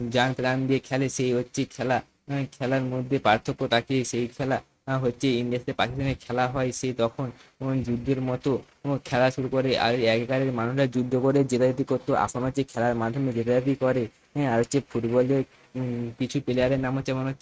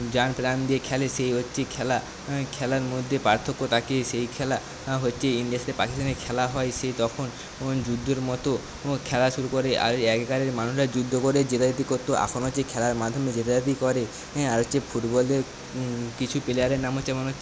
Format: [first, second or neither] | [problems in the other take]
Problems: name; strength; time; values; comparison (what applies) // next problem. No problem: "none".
second | noise reduction (neural mask model RNNoise)